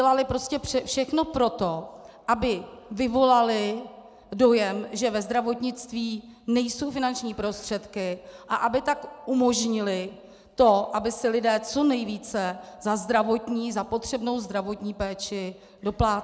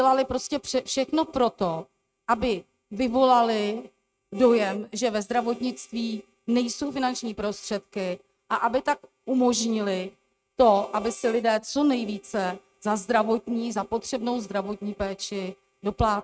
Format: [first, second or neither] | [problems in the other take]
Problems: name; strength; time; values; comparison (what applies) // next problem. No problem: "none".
first | noise reduction (neural mask model RNNoise)